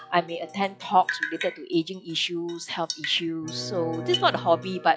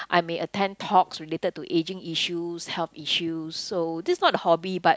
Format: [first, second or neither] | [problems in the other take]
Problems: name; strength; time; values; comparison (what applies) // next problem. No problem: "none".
second | noise reduction (classical method log-MMSE)